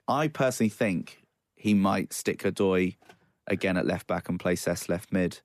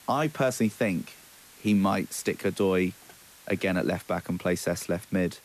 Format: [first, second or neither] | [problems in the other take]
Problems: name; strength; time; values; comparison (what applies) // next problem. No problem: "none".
first | hiss; faint; throughout; 20 dB below the speech